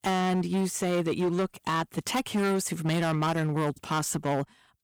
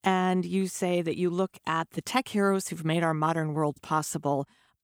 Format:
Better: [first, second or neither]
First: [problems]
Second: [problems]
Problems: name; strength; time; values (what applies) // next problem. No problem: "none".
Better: second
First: distortion; heavy; 15% of the sound clipped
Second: none